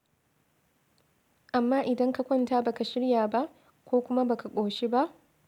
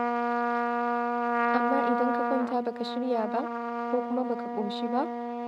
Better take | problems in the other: first | noise reduction (neural mask model RNNoise)

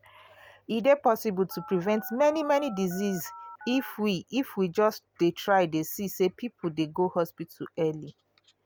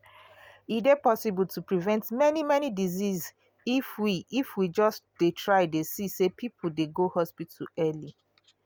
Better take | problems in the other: second | background sound (Telephone); 16 dB below the speech

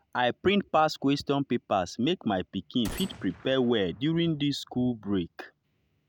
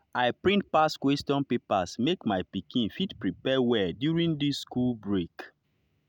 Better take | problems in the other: second | background sound (Gunshot, gunfire); 19 dB below the speech

